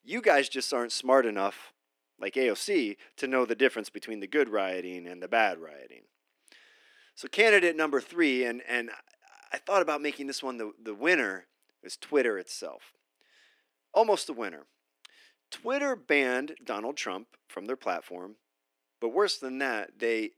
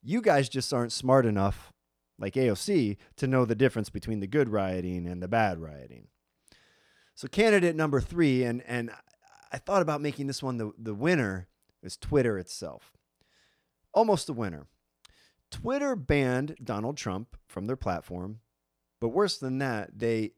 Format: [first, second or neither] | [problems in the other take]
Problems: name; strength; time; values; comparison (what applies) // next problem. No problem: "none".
second | thin; somewhat; fading below 300 Hz